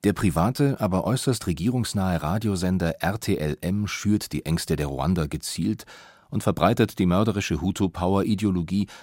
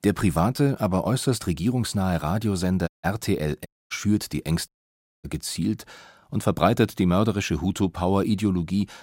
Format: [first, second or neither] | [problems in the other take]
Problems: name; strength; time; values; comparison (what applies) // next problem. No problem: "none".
first | audio cutting out; at 3 s, at 3.5 s and at 4.5 s for 0.5 s